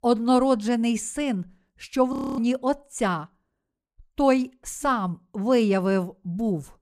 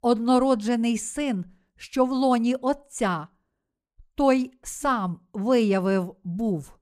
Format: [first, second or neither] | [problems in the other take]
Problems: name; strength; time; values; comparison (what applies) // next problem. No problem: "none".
second | audio freezing; at 2 s